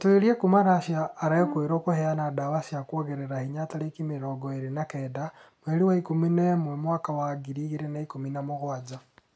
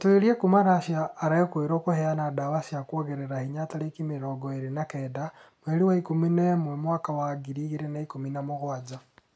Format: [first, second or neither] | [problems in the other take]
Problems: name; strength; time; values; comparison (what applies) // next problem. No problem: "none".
second | background sound (Brass instrument); 12 dB below the speech